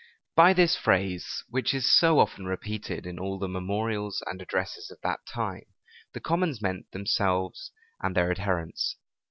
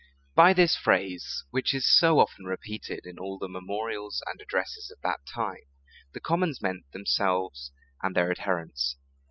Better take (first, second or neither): first